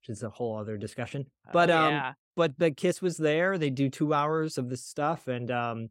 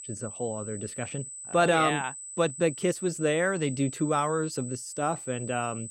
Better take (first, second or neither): first